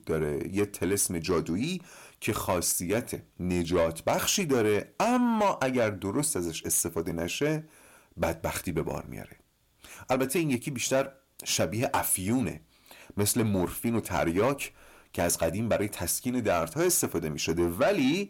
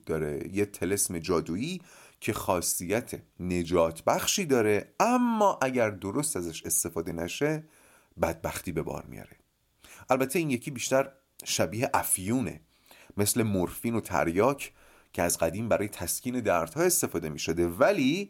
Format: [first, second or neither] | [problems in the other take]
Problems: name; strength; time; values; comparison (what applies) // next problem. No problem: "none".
second | distortion; slight; 10 dB below the speech